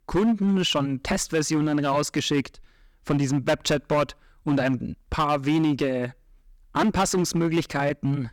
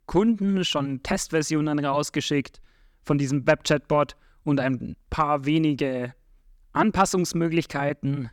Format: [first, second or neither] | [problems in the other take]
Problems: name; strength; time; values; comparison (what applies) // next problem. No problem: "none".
second | distortion; slight; 9% of the sound clipped